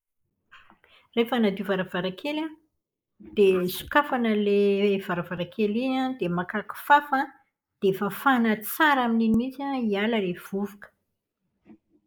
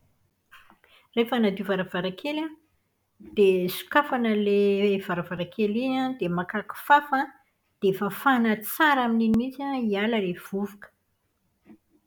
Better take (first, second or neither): second